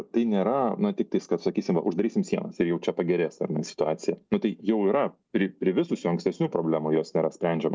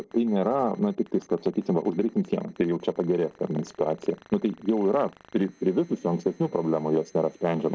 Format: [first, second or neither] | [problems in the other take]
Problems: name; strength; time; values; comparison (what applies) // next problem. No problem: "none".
first | noise reduction (neural separator model SepFormer DNS4)